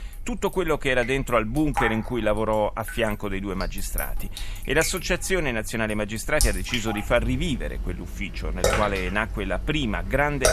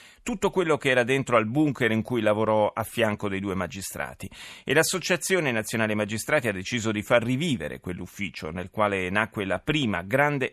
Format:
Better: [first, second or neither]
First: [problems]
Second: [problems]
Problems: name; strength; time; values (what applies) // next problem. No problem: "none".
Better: second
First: rain or running water; loud; throughout; 6 dB below the speech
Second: none